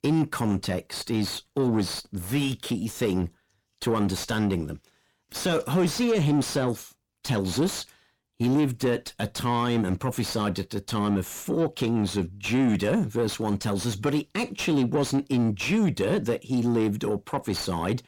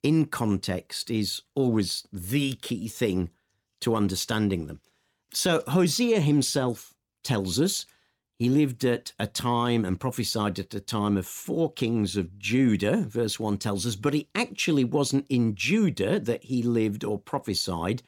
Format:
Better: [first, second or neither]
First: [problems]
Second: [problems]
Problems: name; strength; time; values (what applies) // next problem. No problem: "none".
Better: second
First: distortion; slight; 10 dB below the speech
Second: none